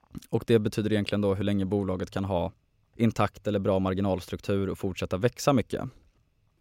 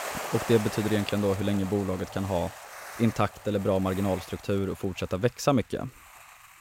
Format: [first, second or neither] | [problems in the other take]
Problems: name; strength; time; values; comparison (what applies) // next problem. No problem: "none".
first | hiss; noticeable; throughout; 10 dB below the speech